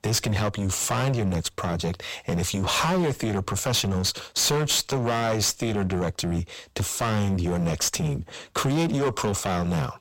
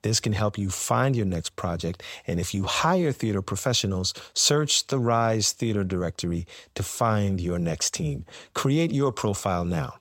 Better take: second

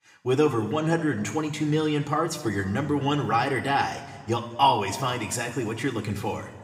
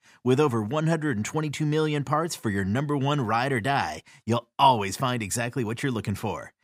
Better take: second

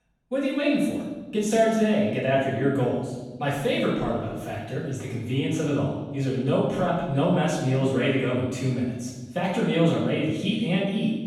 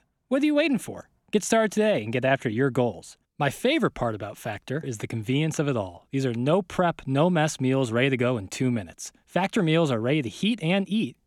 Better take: second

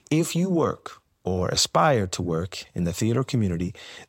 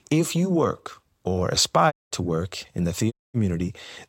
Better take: first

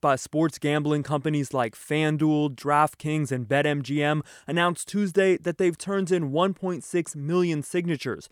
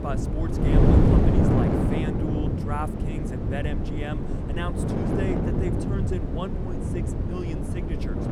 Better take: first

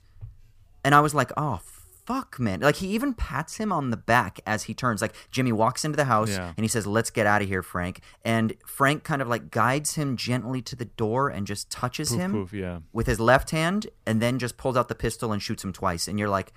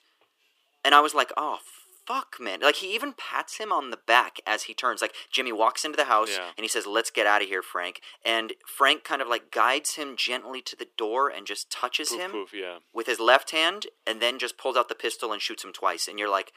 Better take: first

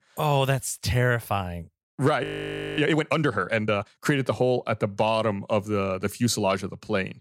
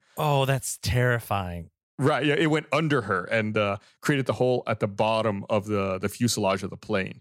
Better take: second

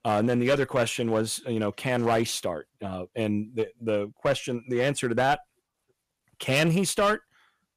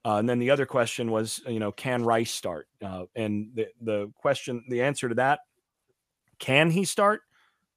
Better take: second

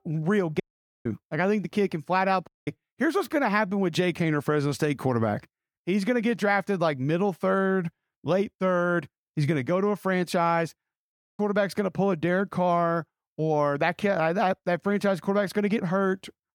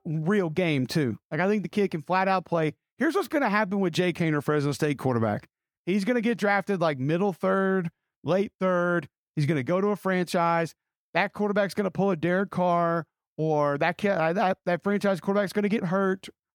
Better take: second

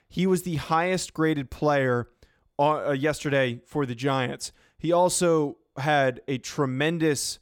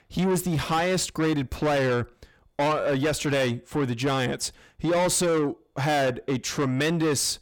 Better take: first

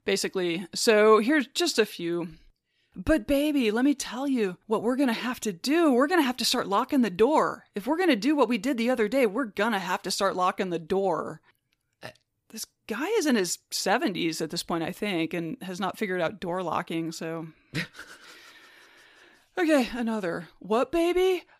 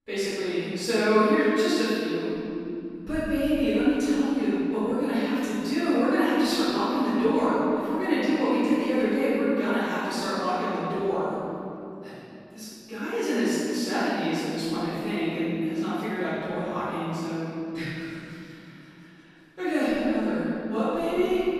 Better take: first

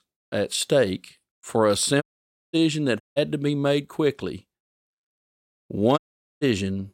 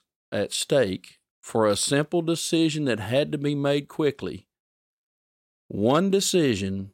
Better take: second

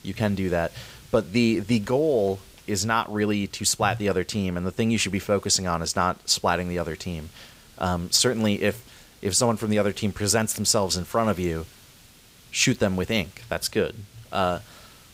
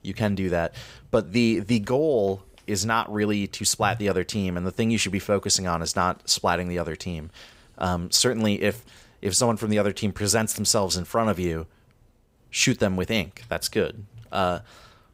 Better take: second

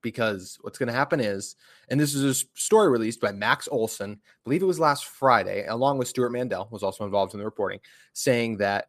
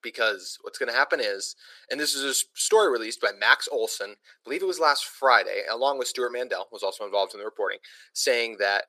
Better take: first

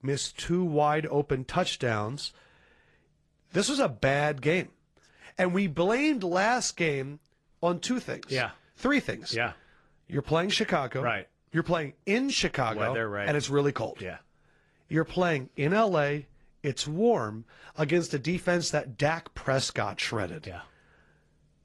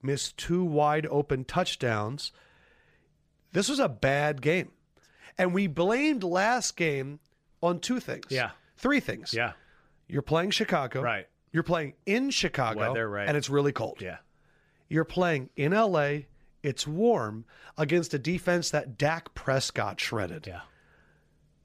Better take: second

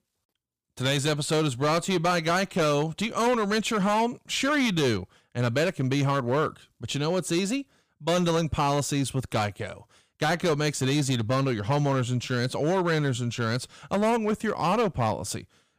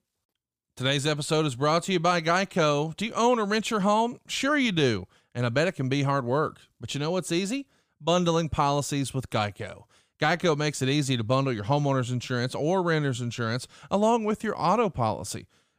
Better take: second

